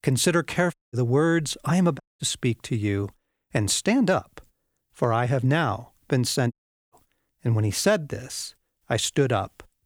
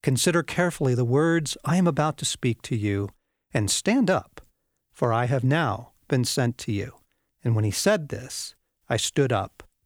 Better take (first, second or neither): second